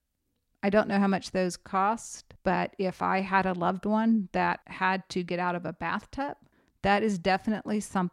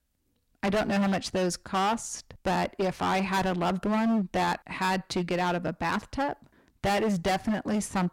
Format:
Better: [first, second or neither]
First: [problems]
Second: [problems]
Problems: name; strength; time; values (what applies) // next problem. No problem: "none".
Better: first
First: none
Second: distortion; heavy; 19% of the sound clipped